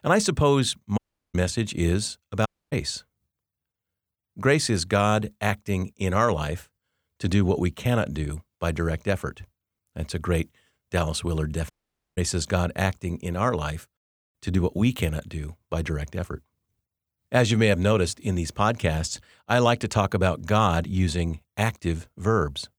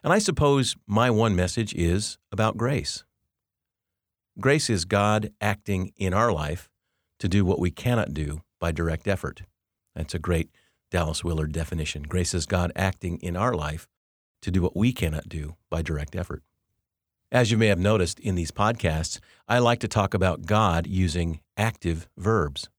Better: second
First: audio cutting out; at 1 s, at 2.5 s and at 12 s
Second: none

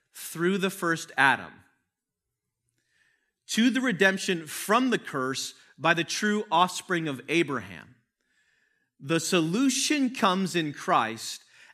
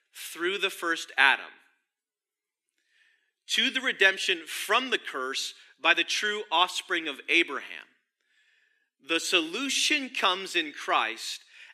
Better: first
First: none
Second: thin; somewhat; fading below 350 Hz

